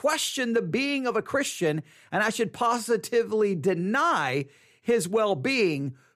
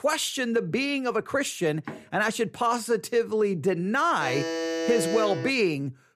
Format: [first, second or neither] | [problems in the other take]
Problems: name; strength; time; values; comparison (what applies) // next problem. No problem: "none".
first | door banging; faint; at 2 s; peak 15 dB below the speech // alarm; noticeable; from 4 to 5.5 s; peak 2 dB below the speech